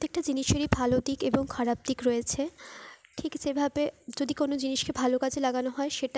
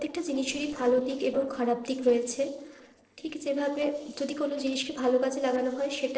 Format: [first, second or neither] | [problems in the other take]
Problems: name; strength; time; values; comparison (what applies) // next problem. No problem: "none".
first | noise reduction (neural separator model SepFormer DNS4)